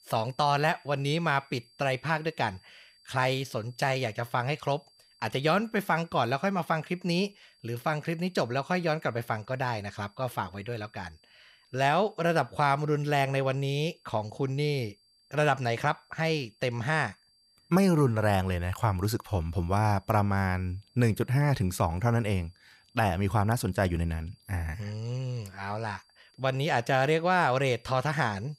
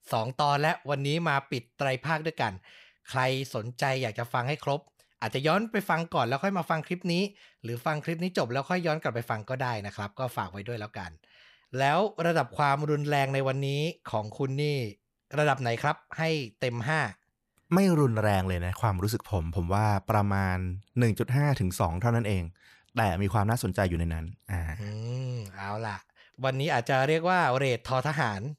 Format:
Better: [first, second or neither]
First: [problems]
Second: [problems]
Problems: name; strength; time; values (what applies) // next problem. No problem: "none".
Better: second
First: high-pitched whine; faint; throughout; 4.5 kHz, 30 dB below the speech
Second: none